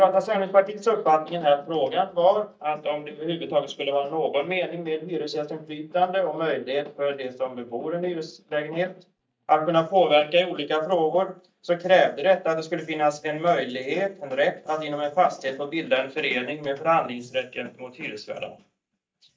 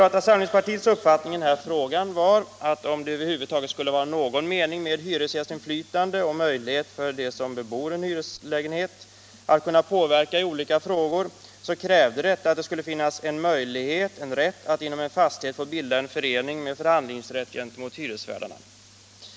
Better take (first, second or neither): second